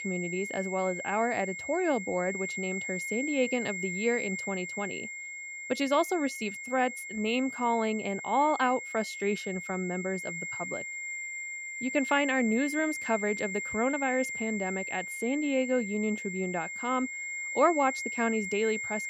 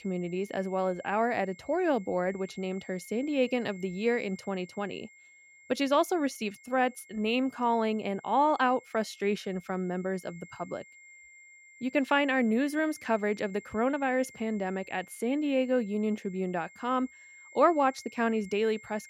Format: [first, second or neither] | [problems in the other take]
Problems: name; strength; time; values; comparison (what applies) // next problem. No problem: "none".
second | high-pitched whine; loud; throughout; 2 kHz, 5 dB below the speech; faint in the second